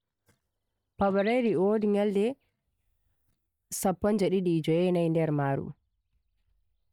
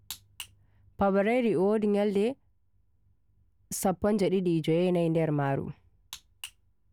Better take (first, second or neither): second